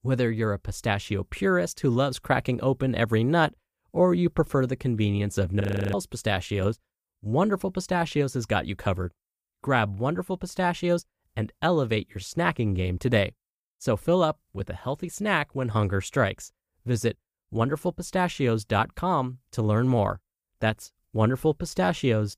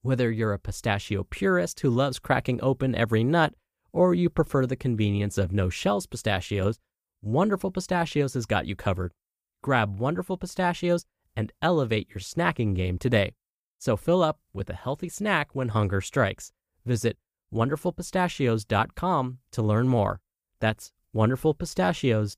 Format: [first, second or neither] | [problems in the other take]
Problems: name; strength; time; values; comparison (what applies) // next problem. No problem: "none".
second | audio freezing; at 5.5 s